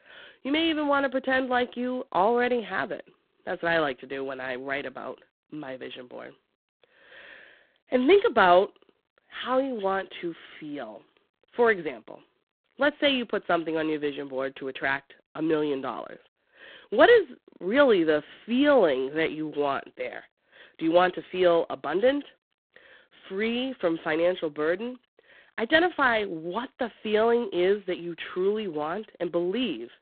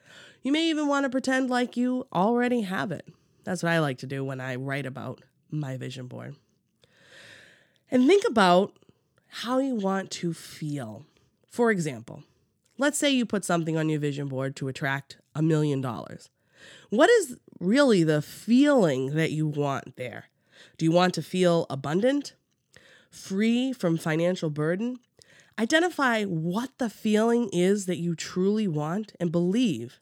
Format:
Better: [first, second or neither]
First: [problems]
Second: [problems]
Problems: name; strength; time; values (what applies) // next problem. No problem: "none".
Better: second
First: phone-call audio; poor line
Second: none